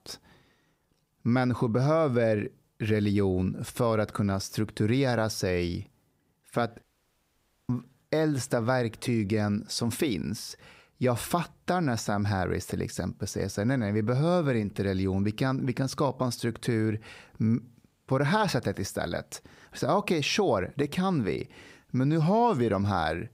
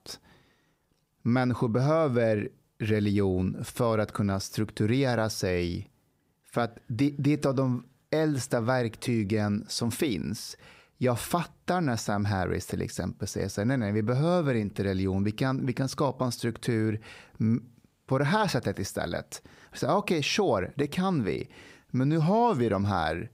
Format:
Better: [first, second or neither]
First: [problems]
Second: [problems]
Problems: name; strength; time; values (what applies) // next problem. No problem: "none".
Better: second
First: audio cutting out; at 7 s for 1 s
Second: none